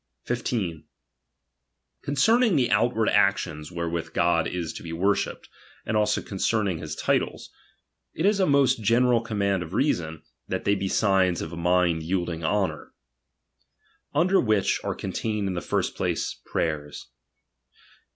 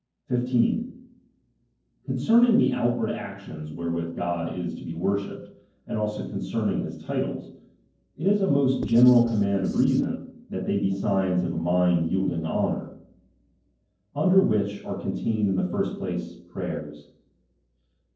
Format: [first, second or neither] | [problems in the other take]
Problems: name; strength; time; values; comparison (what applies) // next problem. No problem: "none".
first | noise reduction (neural separator model SepFormer DNS4)